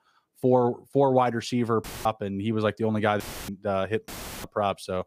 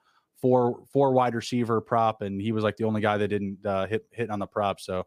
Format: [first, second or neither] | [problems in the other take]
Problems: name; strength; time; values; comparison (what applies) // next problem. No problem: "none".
second | audio cutting out; filled with static; at 2 s, at 3 s and at 4 s